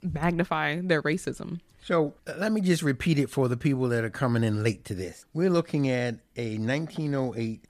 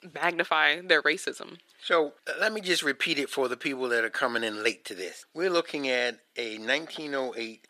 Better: first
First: none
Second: thin; very; fading below 400 Hz

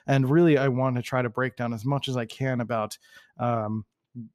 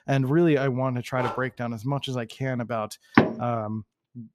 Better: first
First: none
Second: dog barking; noticeable; at 1 s; peak 7 dB below the speech // door banging; loud; at 3 s; peak 5 dB above the speech

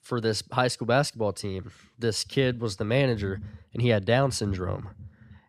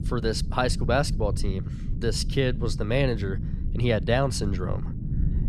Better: first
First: none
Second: low rumble; noticeable; throughout; 15 dB below the speech

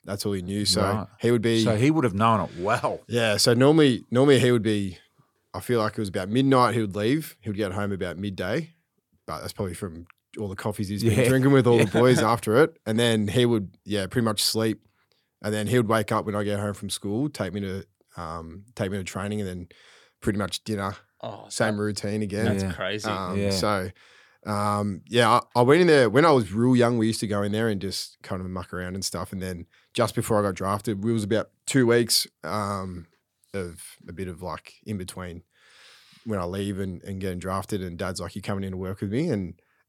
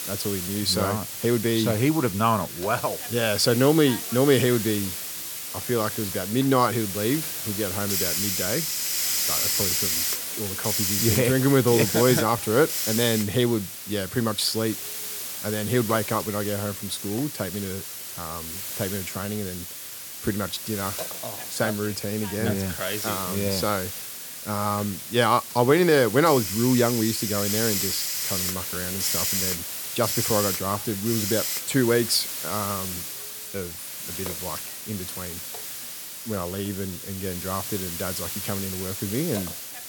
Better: first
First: none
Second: hiss; loud; throughout; 3 dB below the speech

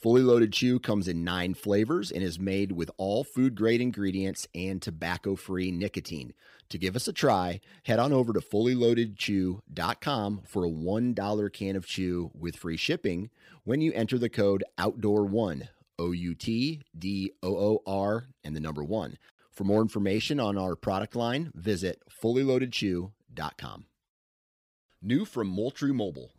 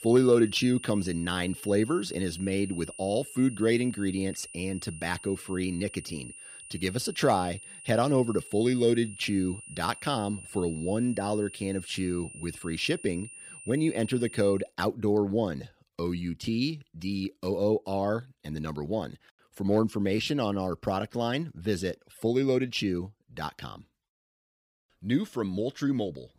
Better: first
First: none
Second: high-pitched whine; noticeable; until 15 s; 9.5 kHz, 15 dB below the speech

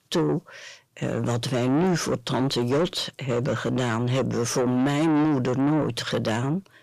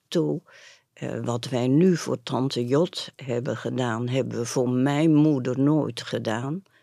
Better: second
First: distortion; heavy; 6 dB below the speech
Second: none

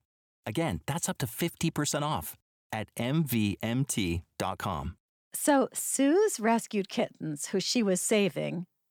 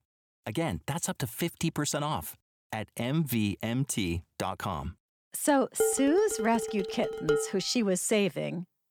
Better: first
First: none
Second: clattering dishes; loud; from 6 to 7.5 s; peak level with the speech

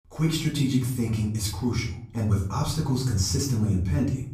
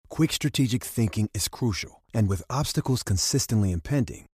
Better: second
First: off-mic speech; far // room echo; slight; dies away in 0.6 s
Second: none

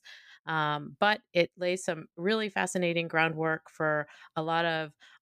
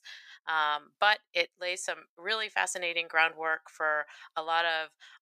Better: first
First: none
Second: thin; very; fading below 850 Hz

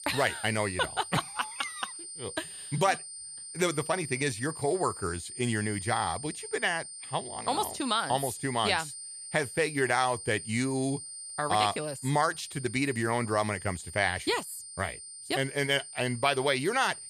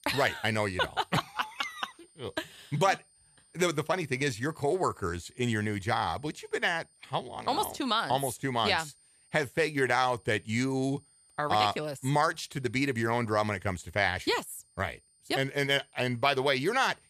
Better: second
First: high-pitched whine; loud; throughout; 9 kHz, 10 dB below the speech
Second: high-pitched whine; faint; throughout; 9 kHz, 30 dB below the speech

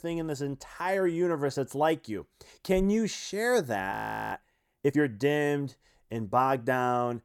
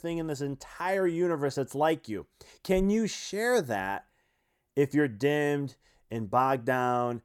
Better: second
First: audio freezing; at 4 s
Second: none

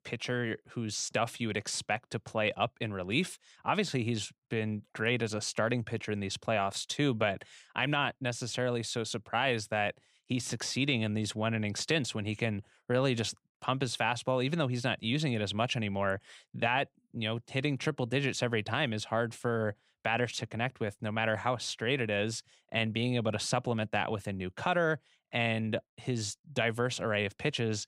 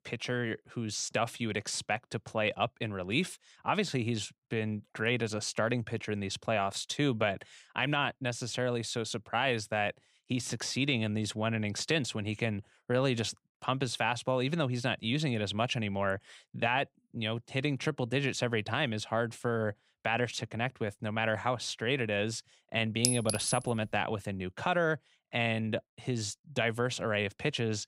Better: first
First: none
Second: clattering dishes; loud; at 23 s; peak 3 dB above the speech

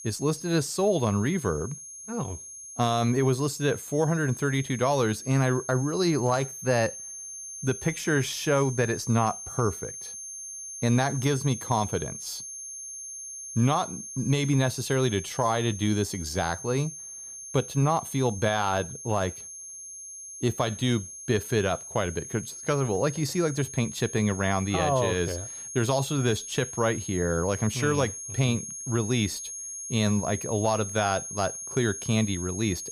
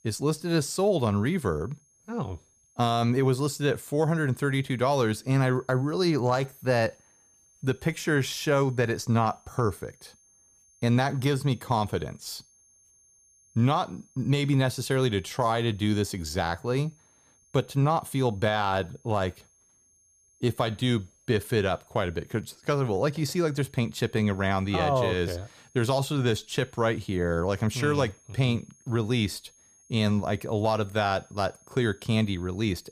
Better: second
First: high-pitched whine; loud; throughout; 6.5 kHz, 10 dB below the speech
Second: high-pitched whine; faint; throughout; 6.5 kHz, 30 dB below the speech

